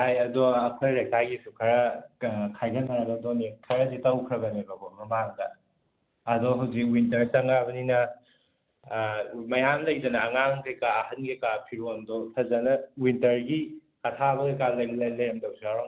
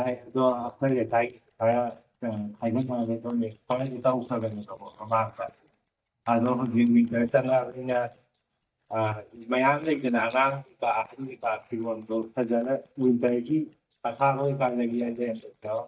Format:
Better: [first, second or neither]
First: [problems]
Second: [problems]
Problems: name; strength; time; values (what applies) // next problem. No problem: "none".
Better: first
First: none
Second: noise reduction (neural mask model DeepFilterNet 3)